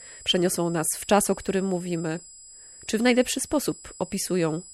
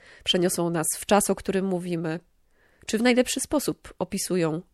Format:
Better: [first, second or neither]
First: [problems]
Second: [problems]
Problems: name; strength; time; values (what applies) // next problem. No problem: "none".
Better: second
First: high-pitched whine; noticeable; throughout; 7.5 kHz, 20 dB below the speech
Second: none